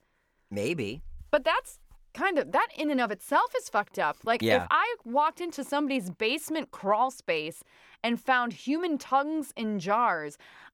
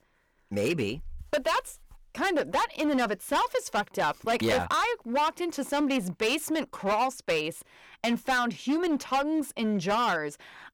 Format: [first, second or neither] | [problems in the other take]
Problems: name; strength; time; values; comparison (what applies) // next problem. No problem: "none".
first | distortion; heavy; 11% of the sound clipped